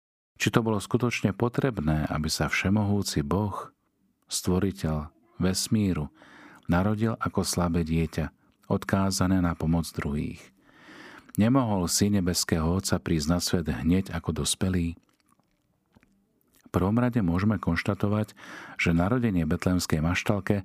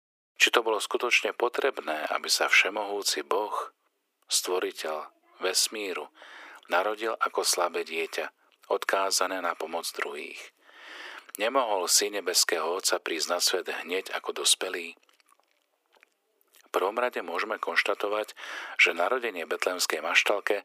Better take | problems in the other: first | thin; very; fading below 400 Hz

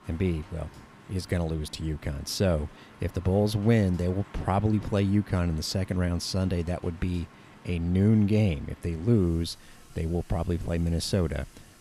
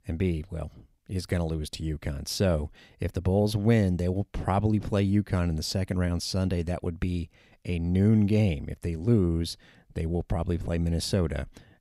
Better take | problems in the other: second | rain or running water; faint; throughout; 25 dB below the speech

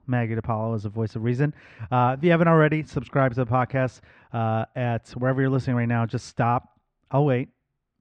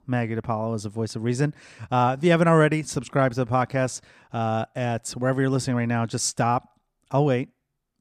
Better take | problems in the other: second | muffled; very; fading above 2.5 kHz

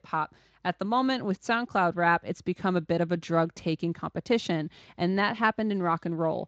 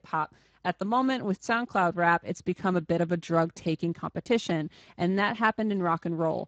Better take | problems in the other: first | garbled, watery; badly; nothing above 7.5 kHz; slightly in the first

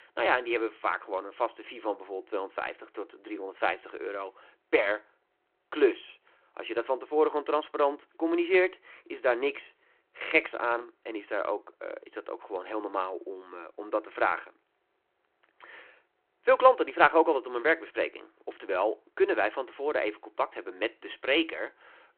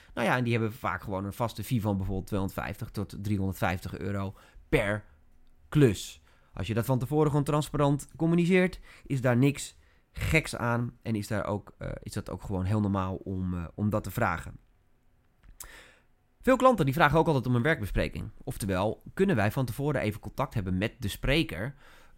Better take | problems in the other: second | phone-call audio

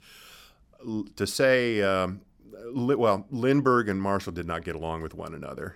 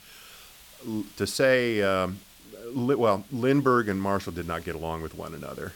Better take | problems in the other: first | hiss; faint; throughout; 25 dB below the speech

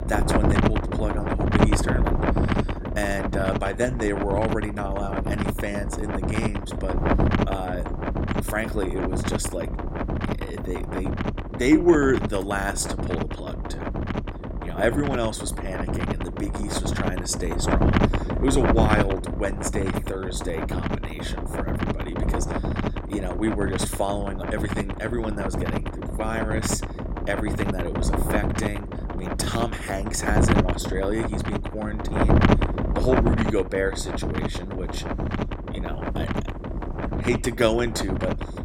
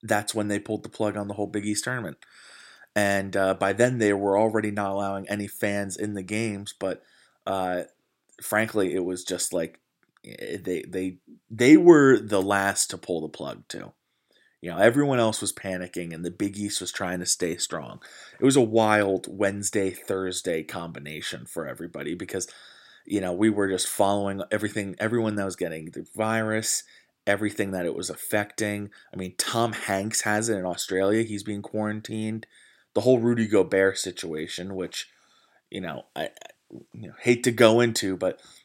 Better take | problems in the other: second | wind noise on the microphone; heavy; 1 dB below the speech

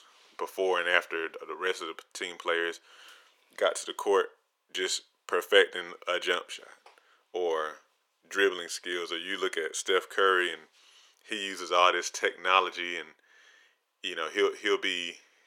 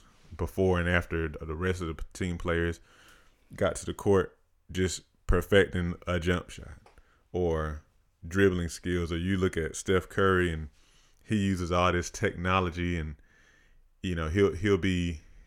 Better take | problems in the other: second | thin; very; fading below 400 Hz

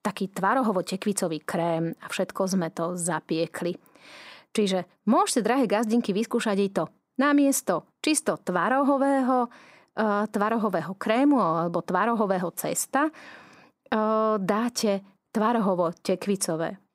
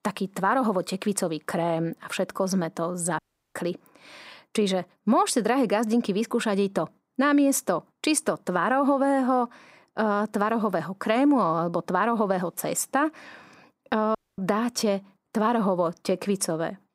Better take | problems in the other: first | audio cutting out; at 3 s and at 14 s

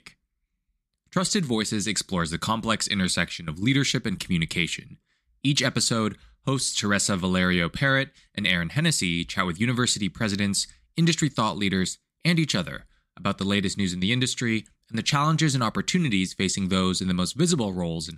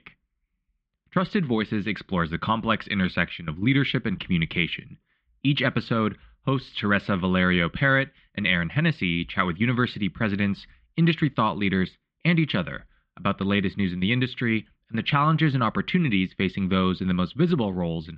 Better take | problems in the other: first | muffled; very; fading above 3 kHz

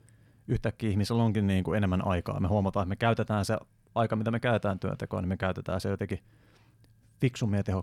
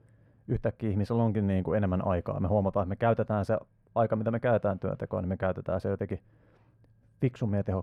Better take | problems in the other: first | muffled; very; fading above 2.5 kHz

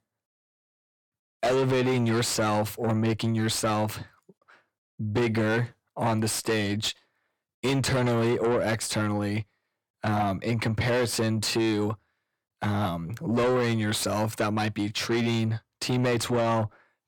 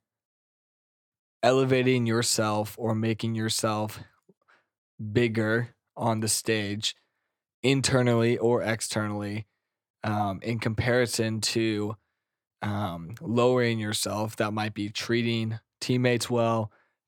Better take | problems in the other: second | distortion; heavy; 7 dB below the speech

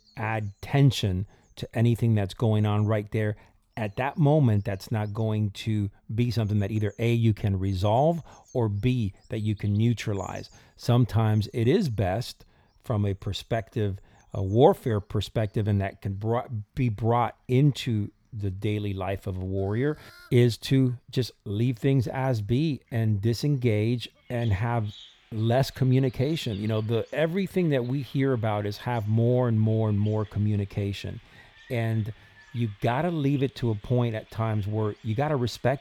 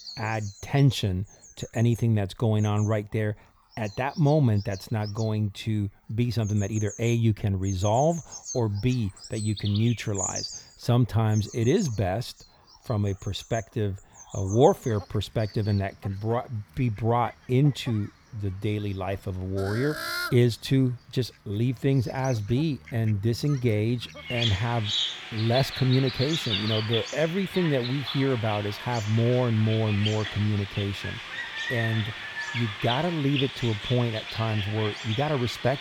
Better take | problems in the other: first | animal sounds; loud; throughout; 7 dB below the speech; faint in the first

